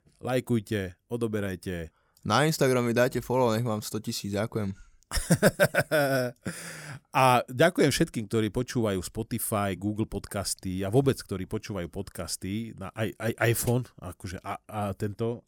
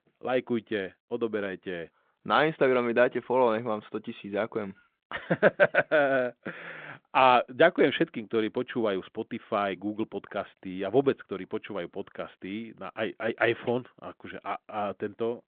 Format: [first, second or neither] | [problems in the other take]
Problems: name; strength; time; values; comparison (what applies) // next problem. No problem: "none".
first | phone-call audio